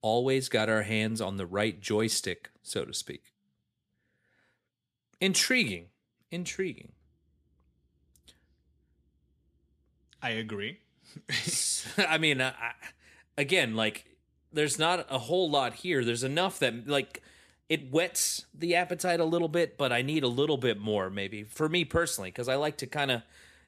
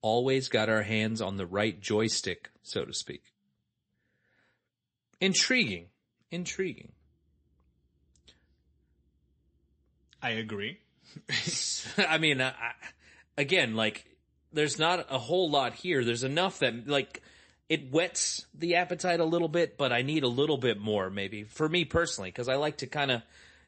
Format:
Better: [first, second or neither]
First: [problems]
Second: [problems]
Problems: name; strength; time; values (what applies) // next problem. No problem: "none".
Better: first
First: none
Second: garbled, watery; slightly; nothing above 8 kHz